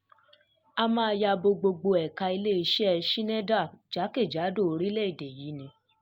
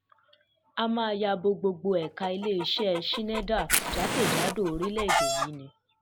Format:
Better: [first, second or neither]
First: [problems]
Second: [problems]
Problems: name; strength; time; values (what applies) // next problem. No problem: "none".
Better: first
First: none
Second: background sound (Chicken, rooster + Fire); 1 dB below the speech